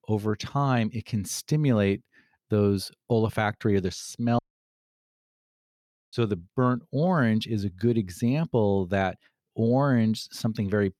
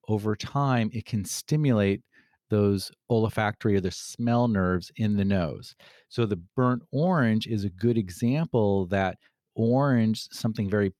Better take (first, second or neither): second